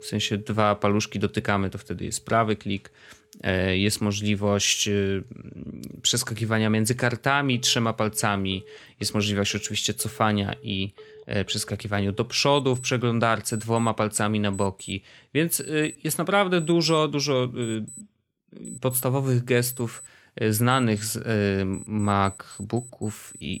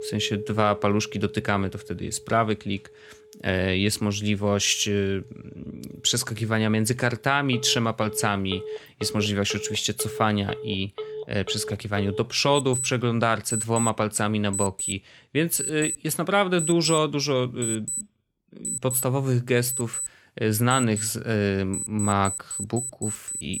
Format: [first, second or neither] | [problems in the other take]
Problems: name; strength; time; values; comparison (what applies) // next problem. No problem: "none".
first | alarms or sirens; loud; throughout; 7 dB below the speech; faint in the first